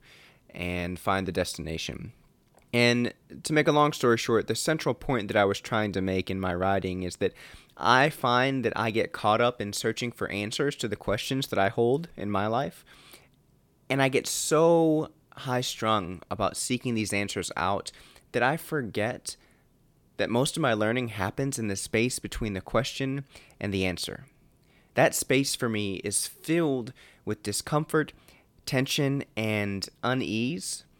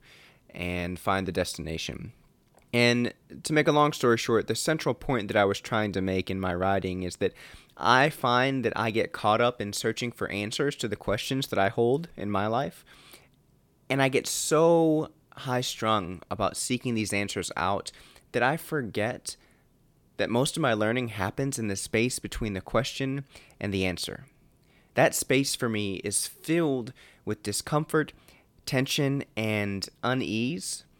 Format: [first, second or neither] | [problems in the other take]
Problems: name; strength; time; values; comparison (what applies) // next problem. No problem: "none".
neither | none